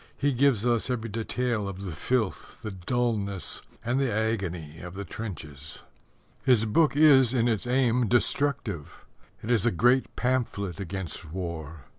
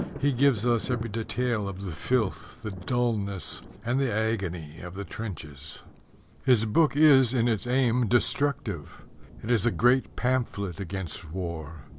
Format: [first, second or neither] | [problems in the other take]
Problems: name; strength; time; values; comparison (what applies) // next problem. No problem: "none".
first | background sound (Thunder); 17 dB below the speech